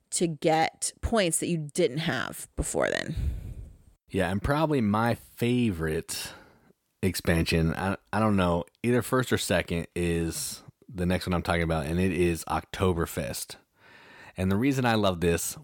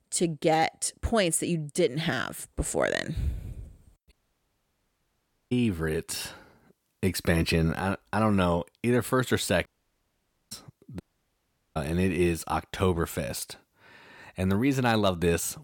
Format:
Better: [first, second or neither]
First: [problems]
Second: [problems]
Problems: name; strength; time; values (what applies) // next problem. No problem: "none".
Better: first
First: none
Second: audio cutting out; at 4 s for 1.5 s, at 9.5 s for 1 s and at 11 s for 1 s